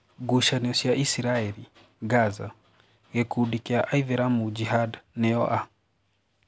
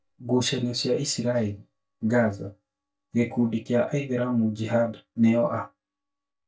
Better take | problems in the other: first | noise reduction (neural mask model DeepFilterNet 3)

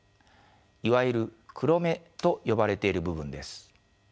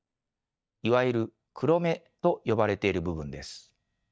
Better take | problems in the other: first | noise reduction (neural mask model DeepFilterNet 3)

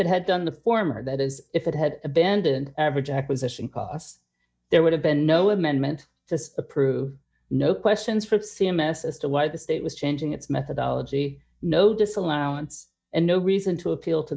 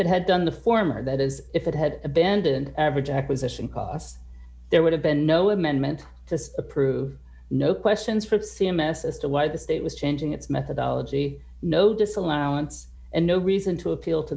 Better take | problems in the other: second | noise reduction (neural mask model DeepFilterNet 3)

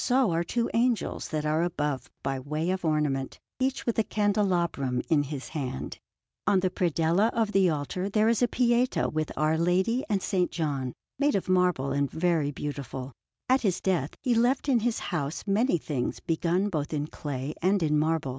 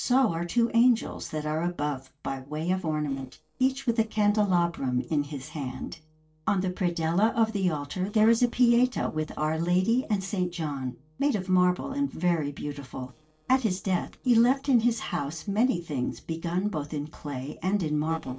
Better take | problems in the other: first | noise reduction (neural separator model SepFormer DNS4)

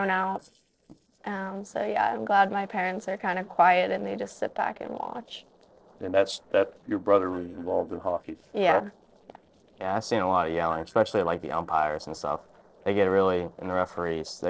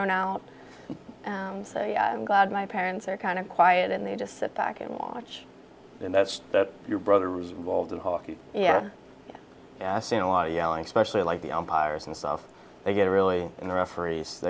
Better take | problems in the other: second | noise reduction (neural separator model SepFormer DNS4)

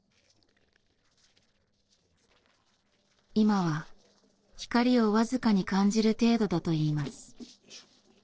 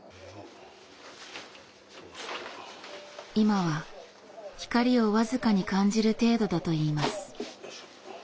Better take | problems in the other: second | noise reduction (neural separator model SepFormer DNS4)

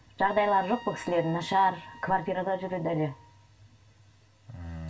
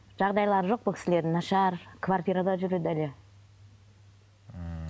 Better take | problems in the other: second | background sound (Trumpet); 18 dB below the speech // room echo; dies away in 0.2 s

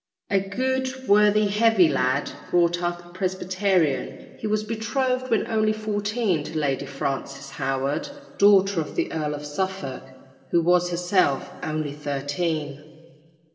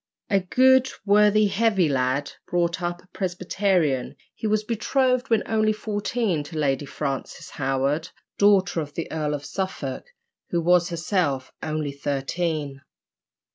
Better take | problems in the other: second | room echo; dies away in 1.6 s

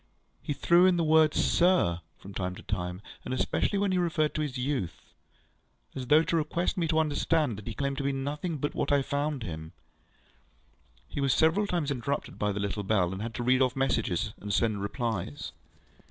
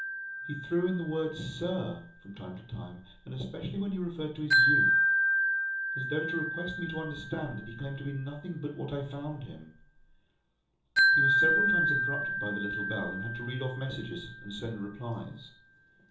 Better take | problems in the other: first | background sound (Wind chime); 5 dB above the speech // room echo; dies away in 1.2 s

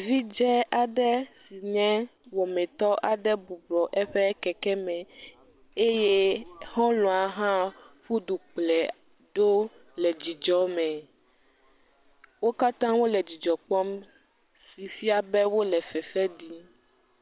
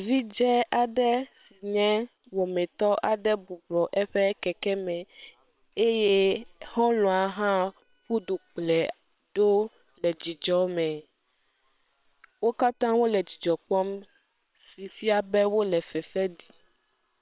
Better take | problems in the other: first | noise reduction (neural separator model SepFormer WHAM!)

